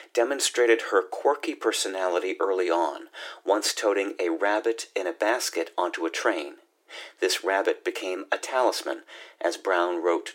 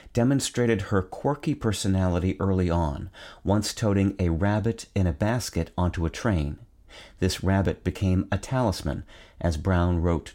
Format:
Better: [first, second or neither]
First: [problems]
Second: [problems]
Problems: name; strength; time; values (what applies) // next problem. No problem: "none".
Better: second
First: thin; very; fading below 350 Hz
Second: none